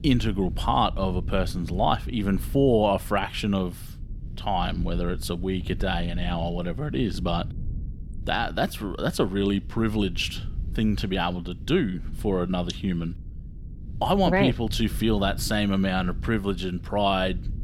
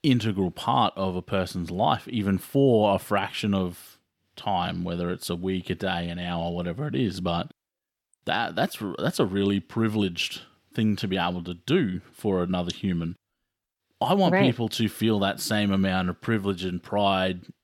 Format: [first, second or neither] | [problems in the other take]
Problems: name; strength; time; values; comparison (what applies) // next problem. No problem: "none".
second | low rumble; faint; throughout; 25 dB below the speech